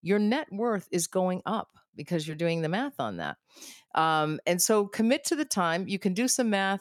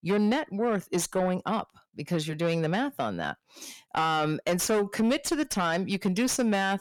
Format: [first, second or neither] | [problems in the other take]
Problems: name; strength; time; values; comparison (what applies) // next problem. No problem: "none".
first | distortion; slight; 10 dB below the speech